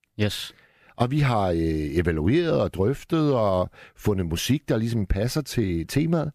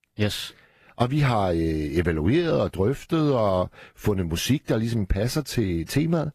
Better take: first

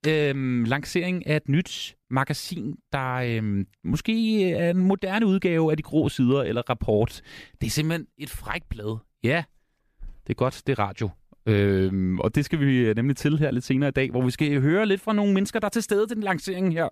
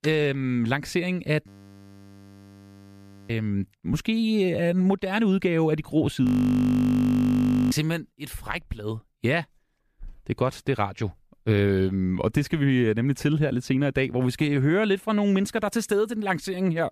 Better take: first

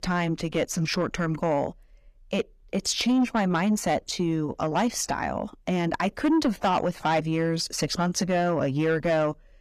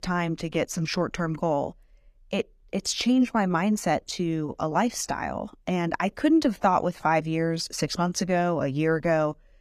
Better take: second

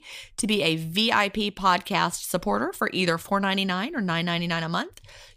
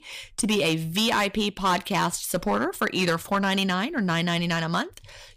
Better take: first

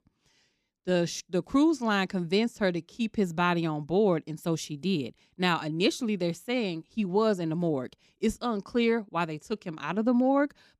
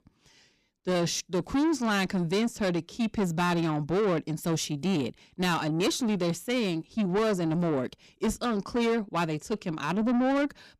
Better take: first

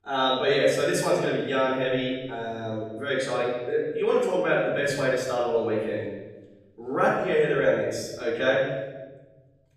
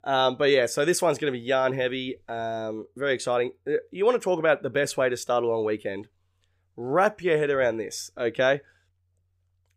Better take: second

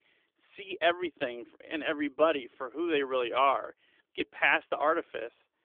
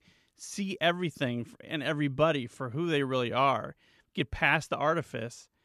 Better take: second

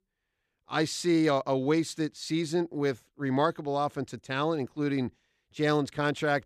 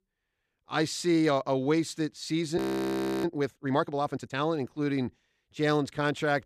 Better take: first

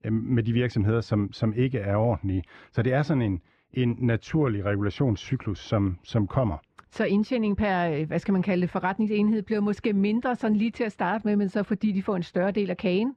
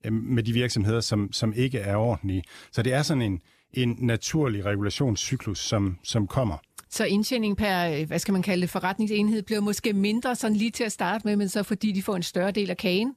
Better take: second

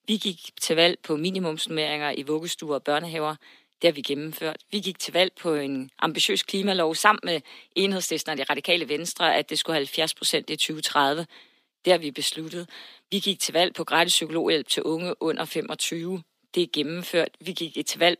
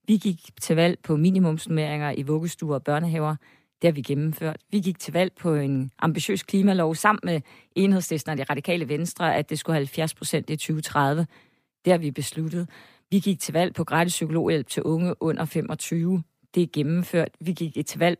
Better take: second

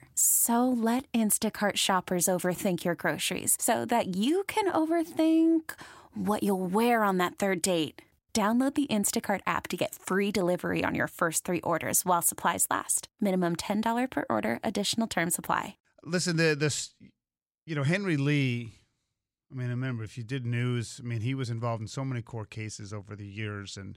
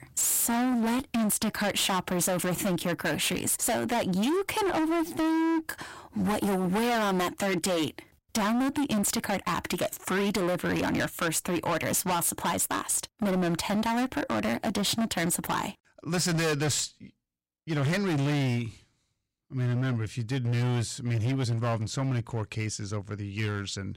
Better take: first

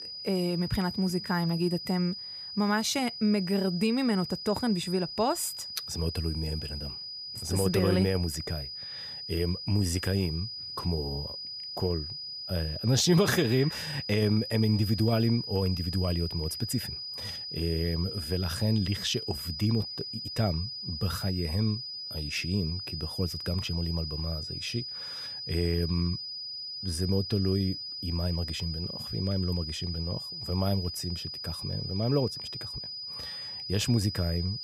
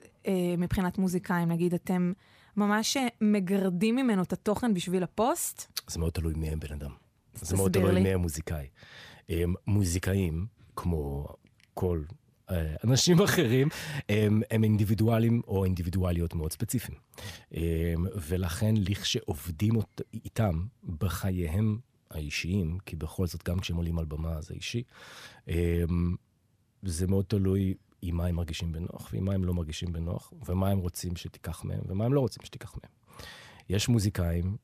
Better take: second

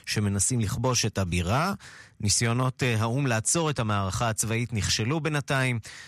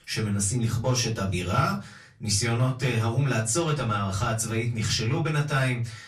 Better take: first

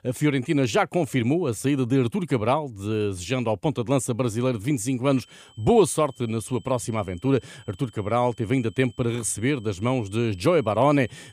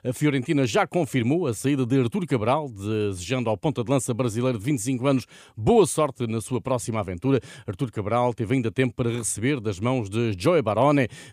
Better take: second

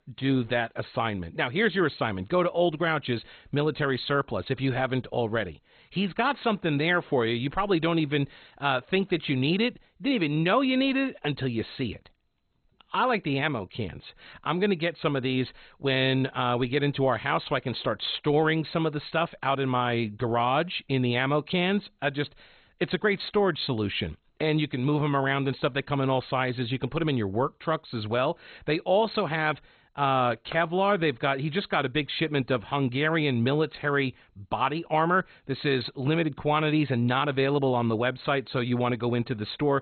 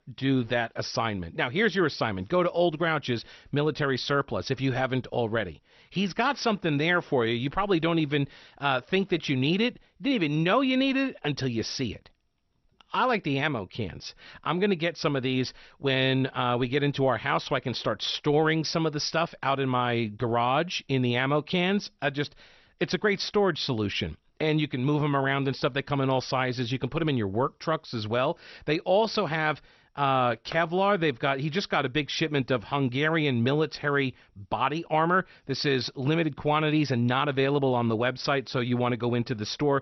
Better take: second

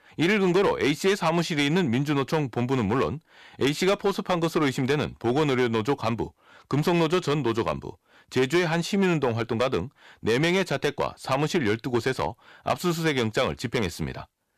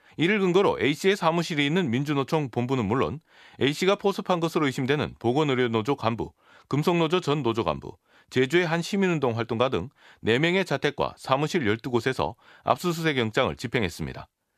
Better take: second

